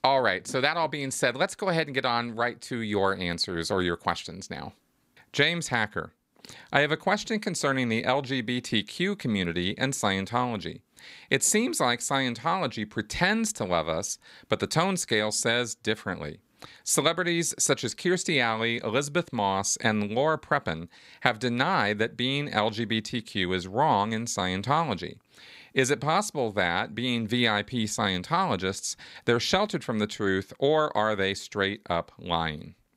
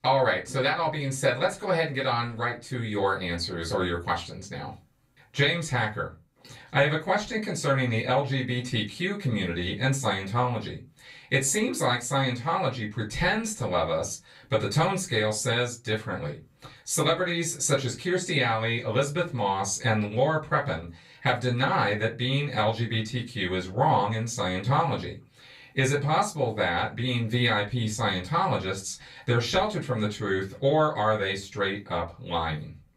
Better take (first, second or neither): first